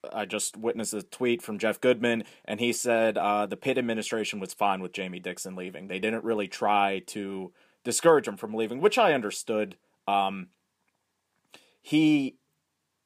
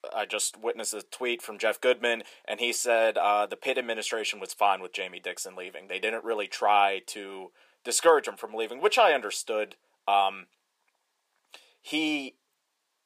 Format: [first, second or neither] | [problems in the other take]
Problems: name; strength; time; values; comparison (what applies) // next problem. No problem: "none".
first | thin; somewhat; fading below 600 Hz